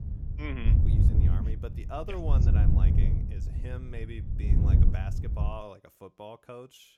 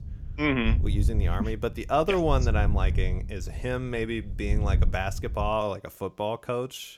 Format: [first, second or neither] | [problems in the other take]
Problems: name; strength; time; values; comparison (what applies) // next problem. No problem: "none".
second | wind noise on the microphone; heavy; until 5.5 s; 1 dB above the speech; occasional gusts in the second